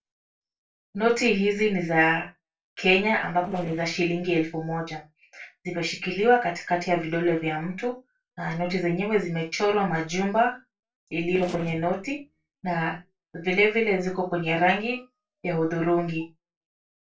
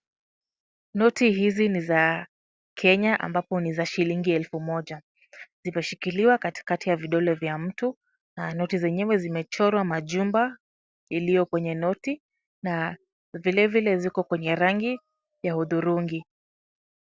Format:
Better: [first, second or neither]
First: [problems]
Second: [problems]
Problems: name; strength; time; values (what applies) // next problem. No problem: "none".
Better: second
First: noise reduction (neural separator model SepFormer DNS4)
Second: none